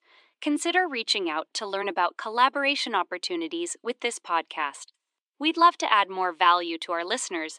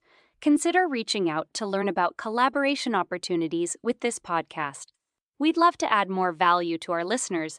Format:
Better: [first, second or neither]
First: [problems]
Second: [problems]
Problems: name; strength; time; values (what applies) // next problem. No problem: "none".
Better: second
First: thin; somewhat; fading below 300 Hz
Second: none